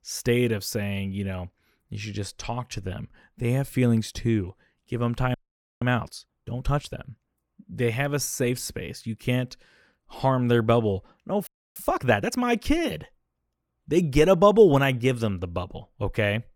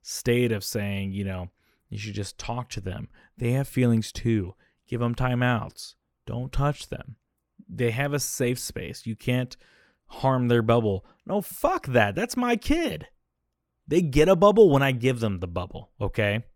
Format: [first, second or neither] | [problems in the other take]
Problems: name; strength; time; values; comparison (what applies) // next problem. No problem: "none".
second | audio freezing; at 5.5 s and at 11 s